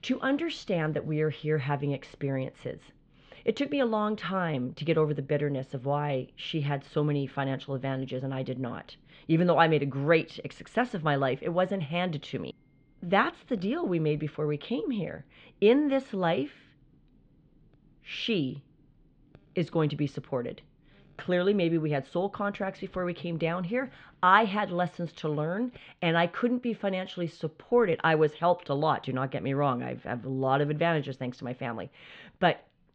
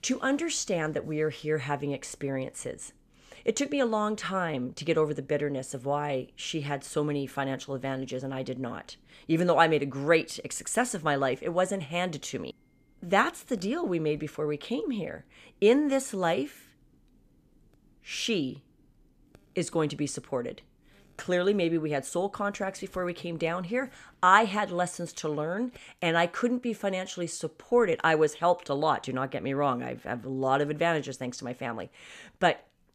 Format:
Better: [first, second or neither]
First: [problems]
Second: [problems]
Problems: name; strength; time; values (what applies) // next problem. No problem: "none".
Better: second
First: muffled; slightly; fading above 3.5 kHz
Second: none